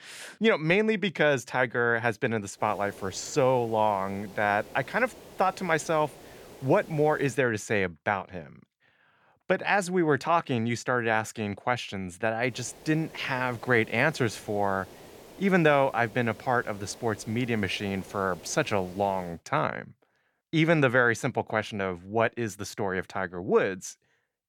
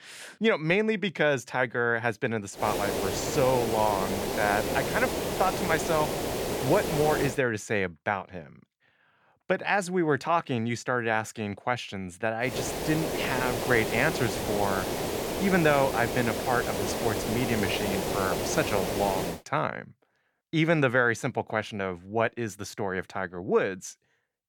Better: first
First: hiss; faint; from 2.5 to 7.5 s and from 12 to 19 s; 20 dB below the speech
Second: hiss; loud; from 2.5 to 7.5 s and from 12 to 19 s; 3 dB below the speech

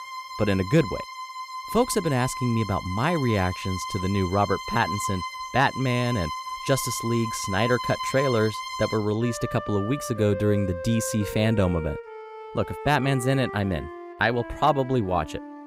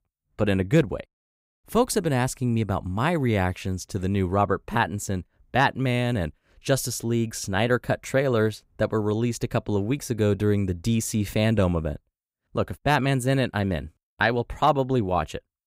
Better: second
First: background music; loud; throughout; 9 dB below the speech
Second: none

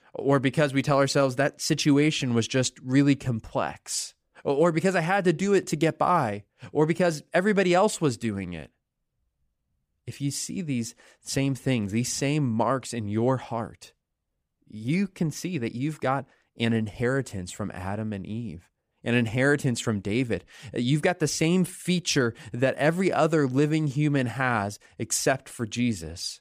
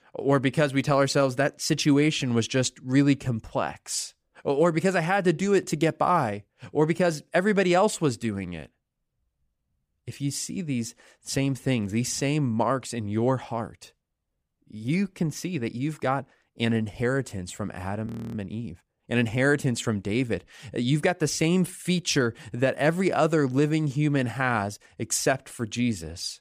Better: first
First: none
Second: audio freezing; at 18 s

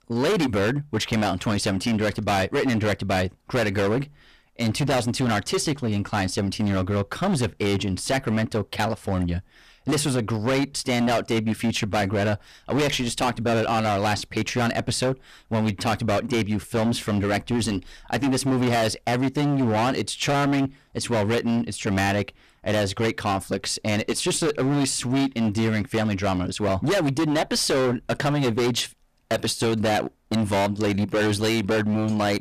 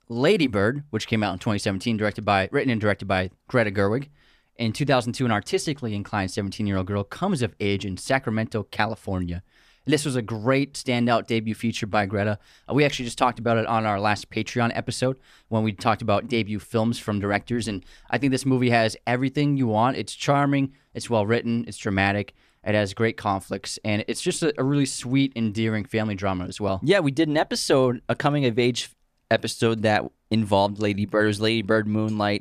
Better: second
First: distortion; heavy; 22% of the sound clipped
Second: none

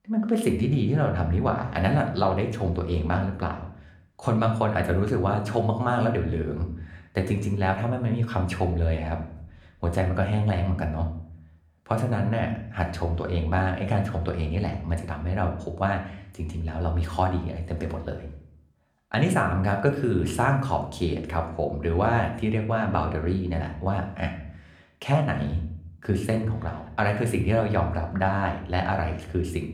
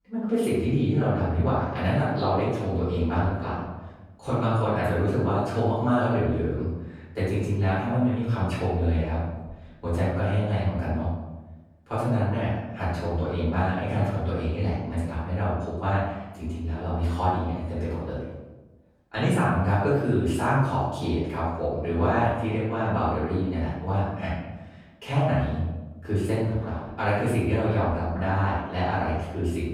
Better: first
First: room echo; slight; dies away in 0.5 s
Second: room echo; strong; dies away in 1 s // off-mic speech; far

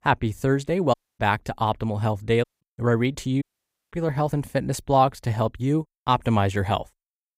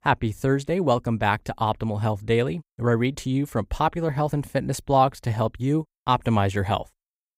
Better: second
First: audio cutting out; at 1 s, at 2.5 s and at 3.5 s for 0.5 s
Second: none

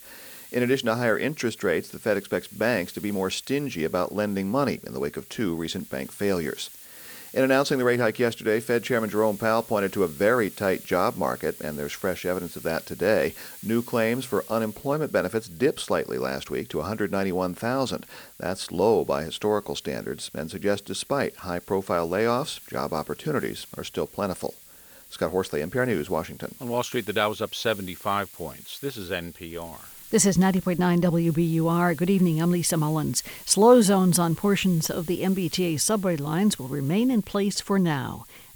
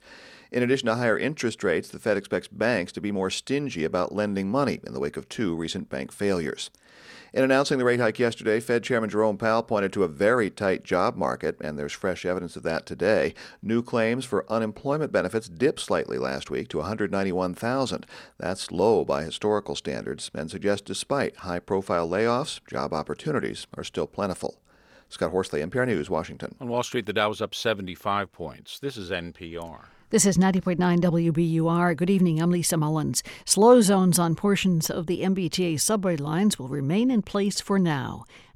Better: second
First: hiss; noticeable; throughout; 20 dB below the speech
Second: none

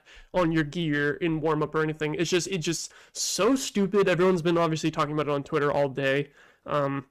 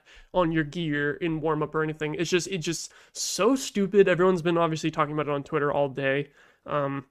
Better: second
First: distortion; slight; 5% of the sound clipped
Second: none

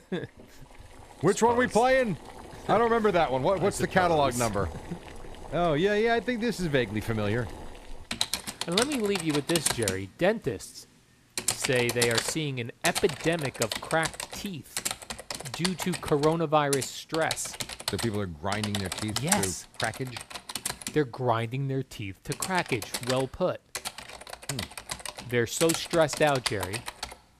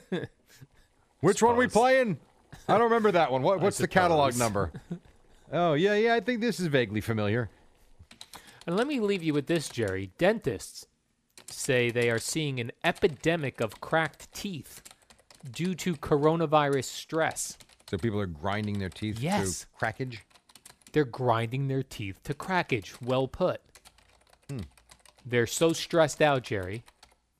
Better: second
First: household noises; loud; throughout; 6 dB below the speech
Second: household noises; faint; throughout; 25 dB below the speech

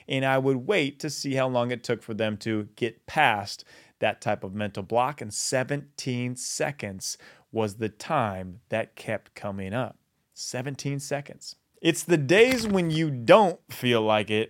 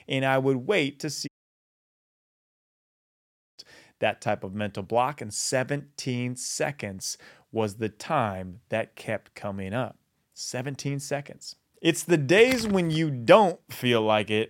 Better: first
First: none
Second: audio cutting out; at 1.5 s for 2.5 s

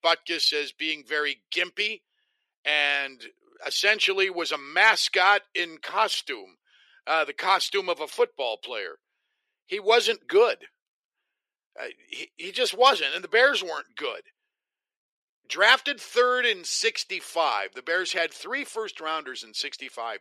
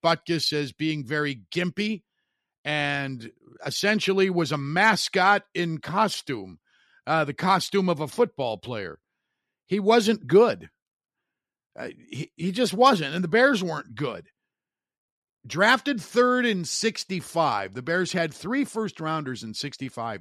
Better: second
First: thin; very; fading below 400 Hz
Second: none

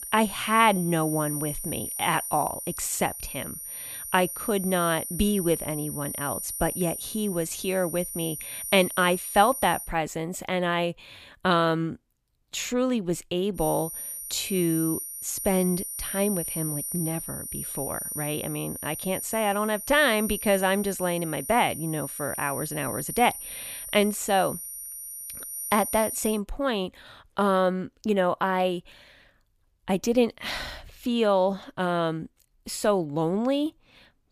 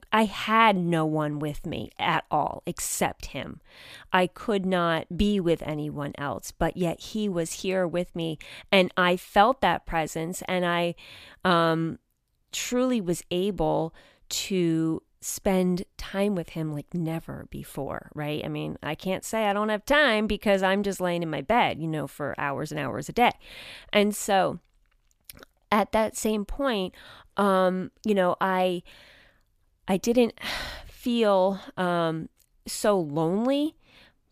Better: second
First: high-pitched whine; loud; until 10 s and from 14 to 26 s; 9.5 kHz, 6 dB below the speech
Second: none

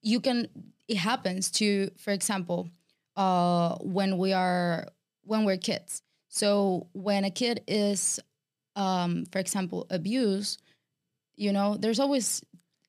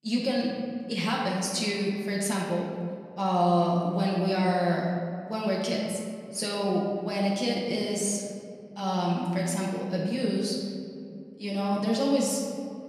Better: first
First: none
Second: room echo; noticeable; dies away in 2.1 s // off-mic speech; far

